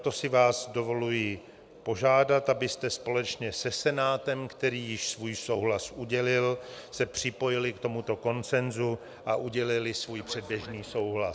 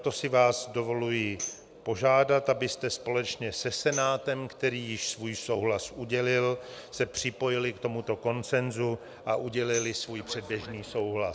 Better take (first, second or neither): first